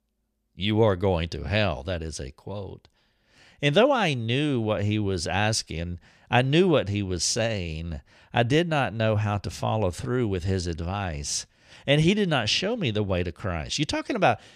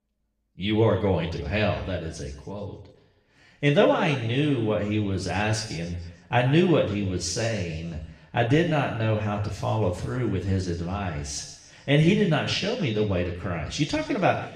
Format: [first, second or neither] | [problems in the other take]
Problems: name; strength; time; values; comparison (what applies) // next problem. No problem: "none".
first | room echo; noticeable; dies away in 0.9 s // off-mic speech; far